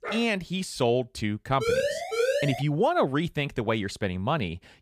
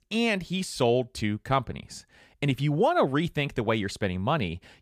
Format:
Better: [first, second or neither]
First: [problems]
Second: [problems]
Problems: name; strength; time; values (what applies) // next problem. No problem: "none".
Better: second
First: dog barking; noticeable; at the start; peak 9 dB below the speech // siren; loud; from 1.5 to 2.5 s; peak 1 dB above the speech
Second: none